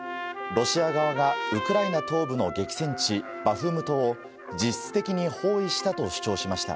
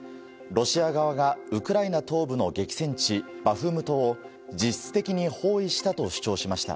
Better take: second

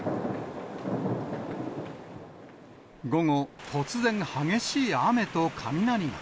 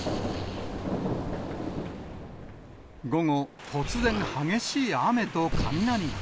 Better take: first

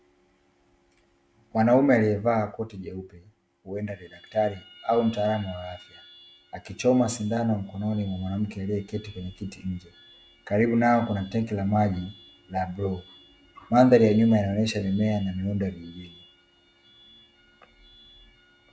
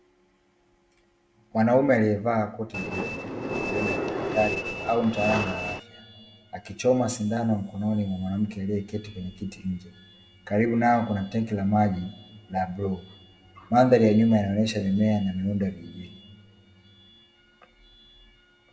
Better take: first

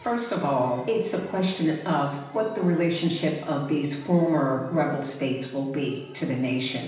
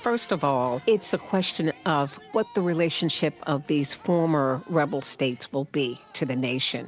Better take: second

